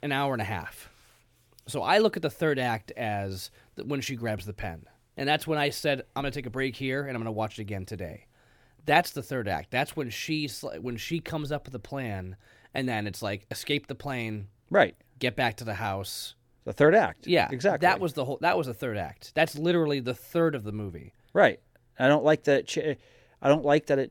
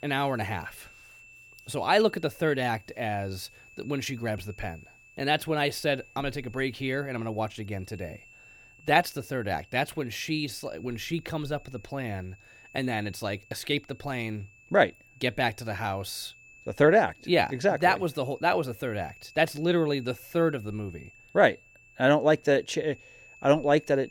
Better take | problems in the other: first | high-pitched whine; faint; throughout; 2.5 kHz, 25 dB below the speech

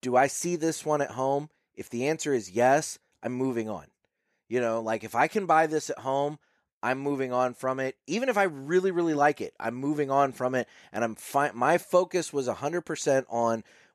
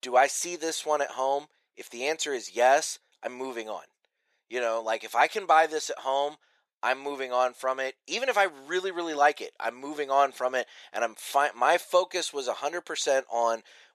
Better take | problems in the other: first | thin; somewhat; fading below 600 Hz

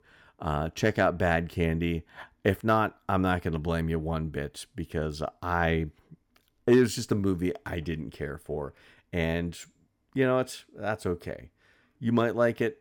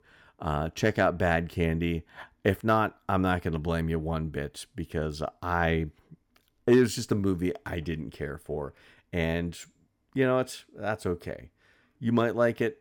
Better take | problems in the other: neither | none

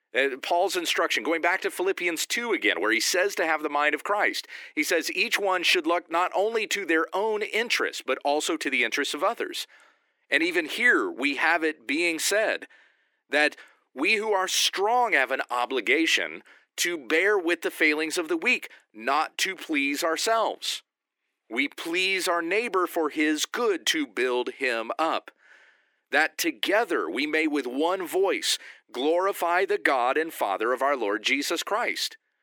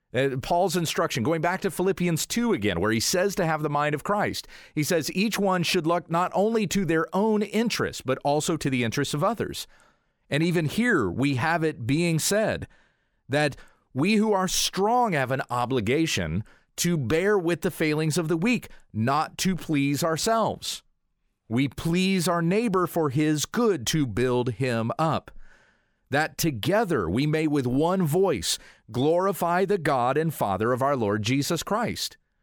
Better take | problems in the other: second | thin; somewhat; fading below 300 Hz

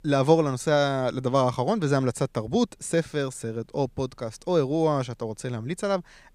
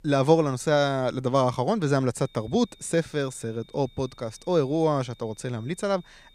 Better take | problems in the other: first | high-pitched whine; faint; from 2 s on; 3.5 kHz, 30 dB below the speech

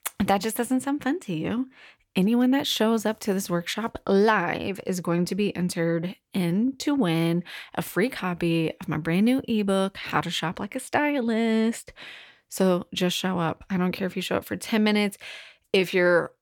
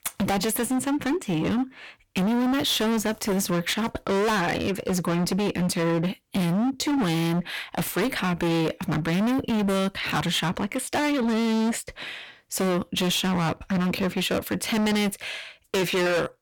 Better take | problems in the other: first | distortion; heavy; 30% of the sound clipped

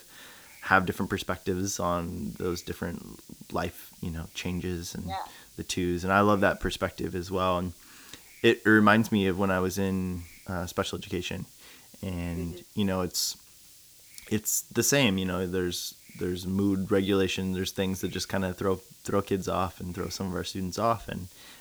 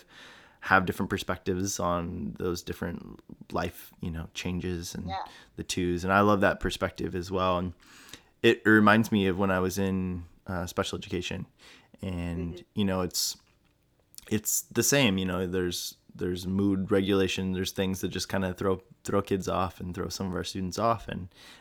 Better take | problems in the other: second | hiss; faint; throughout; 20 dB below the speech

